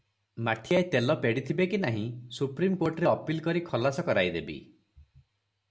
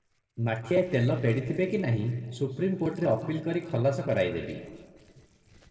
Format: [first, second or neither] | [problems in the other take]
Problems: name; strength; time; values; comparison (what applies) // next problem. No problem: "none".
first | noise reduction (neural separator model SepFormer DNS4)